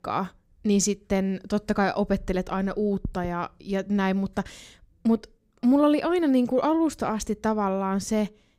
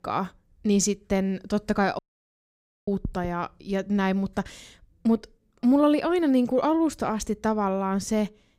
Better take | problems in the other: first | audio cutting out; at 2 s for 1 s

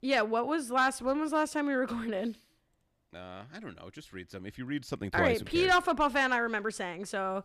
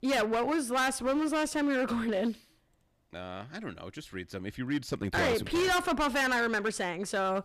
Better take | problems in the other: first | distortion; heavy; 14% of the sound clipped

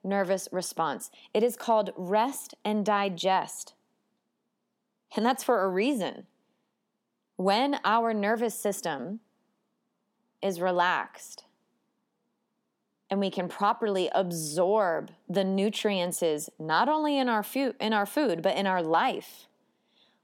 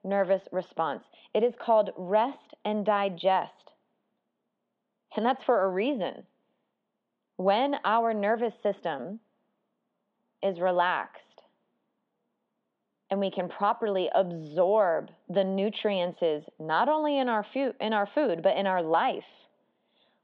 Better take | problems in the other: first | muffled; very; fading above 3.5 kHz

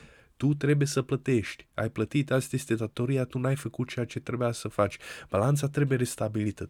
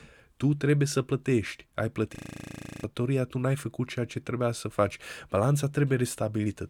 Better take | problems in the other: first | audio freezing; at 2 s for 0.5 s

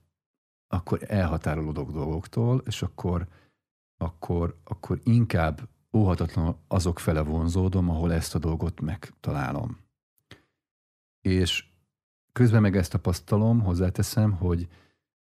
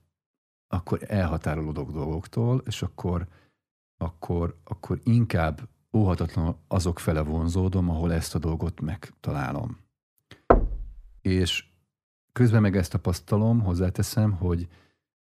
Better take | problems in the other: first | door banging; loud; at 11 s; peak 5 dB above the speech

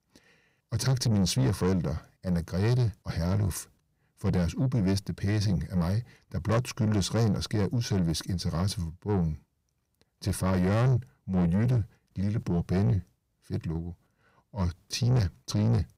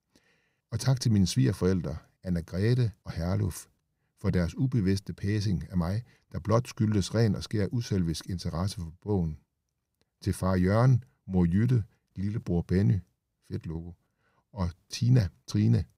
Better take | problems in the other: second | distortion; slight; 9 dB below the speech

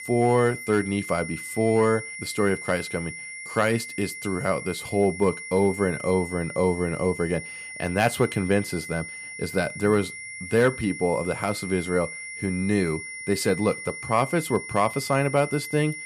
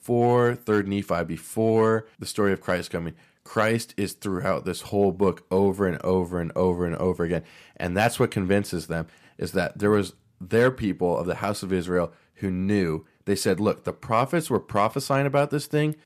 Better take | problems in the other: second | high-pitched whine; loud; throughout; 2 kHz, 10 dB below the speech

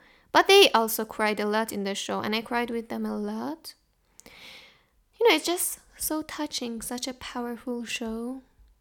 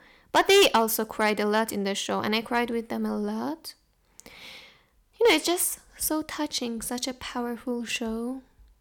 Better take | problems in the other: first | distortion; slight; 1.6% of the sound clipped

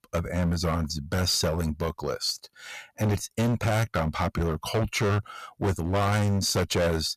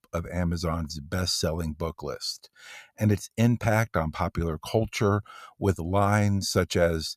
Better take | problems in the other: second | distortion; heavy; 16% of the sound clipped

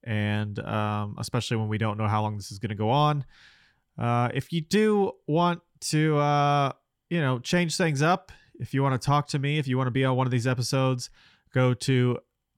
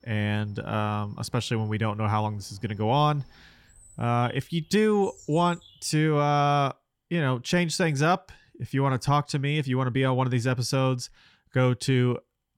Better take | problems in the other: first | animal sounds; faint; until 6 s; 25 dB below the speech

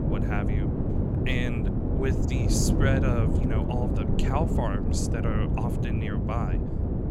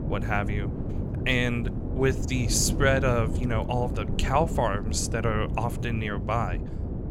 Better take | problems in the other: second | wind noise on the microphone; heavy; 1 dB below the speech; occasional gusts in the second

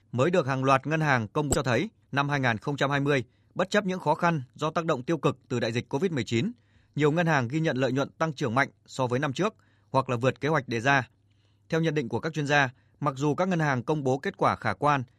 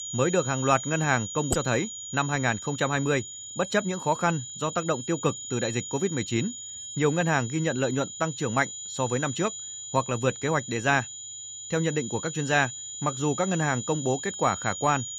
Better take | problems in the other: first | high-pitched whine; loud; throughout; 7 kHz, 8 dB below the speech

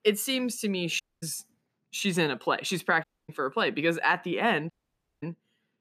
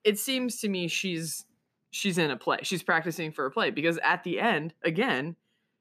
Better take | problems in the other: second | audio cutting out; at 1 s, at 3 s and at 4.5 s for 0.5 s

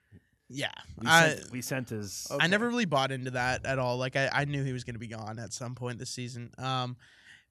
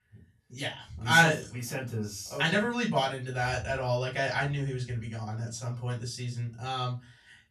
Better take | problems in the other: first | off-mic speech; far // room echo; very slight; dies away in 0.2 s

